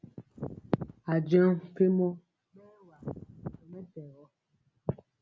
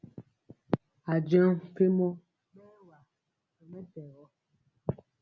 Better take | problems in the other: second | background sound (Wind); 11 dB below the speech

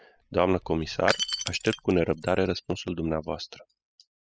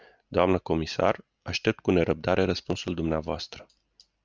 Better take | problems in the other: second | noise reduction (classical method spectral subtraction)

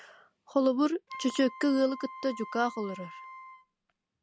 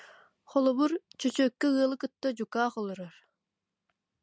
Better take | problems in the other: second | background sound (Wind instrument, woodwind instrument); 15 dB below the speech

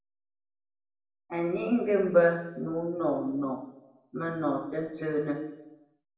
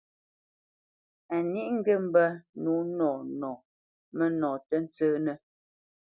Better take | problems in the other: second | room echo; dies away in 0.8 s

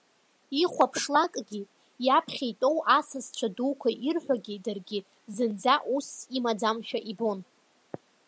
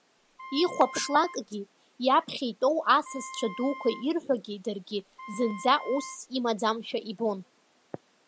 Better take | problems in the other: first | background sound (Wind instrument, woodwind instrument); 14 dB below the speech

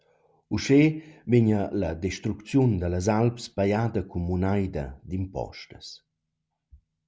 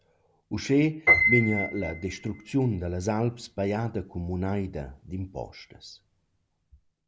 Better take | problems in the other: first | background sound (Piano); 2 dB below the speech

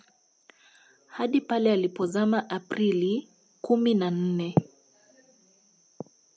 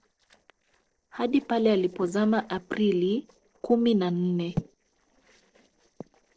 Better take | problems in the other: first | noise reduction (neural separator model SepFormer DNS4)

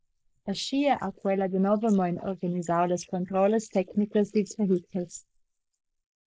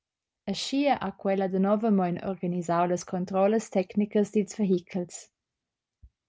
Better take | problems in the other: second | noise reduction (neural mask model Resemble Enhance denoiser)

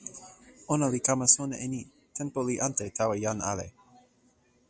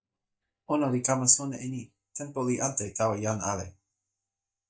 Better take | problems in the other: first | noise reduction (neural mask model DeepFilterNet 3)

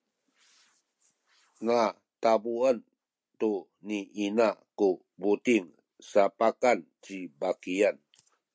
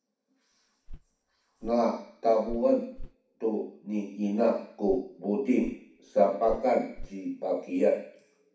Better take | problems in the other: first | background sound (Walk, footsteps); 17 dB below the speech // room echo; dies away in 0.6 s

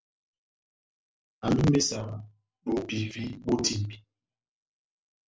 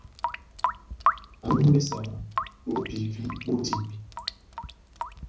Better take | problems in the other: first | background sound (Drip / Sink (filling or washing) / Water tap, faucet); 4 dB below the speech // room echo; dies away in 0.4 s

